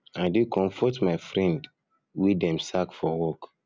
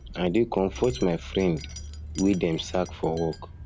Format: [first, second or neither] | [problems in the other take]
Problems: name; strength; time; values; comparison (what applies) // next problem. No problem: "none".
first | background sound (Wind chime); 13 dB below the speech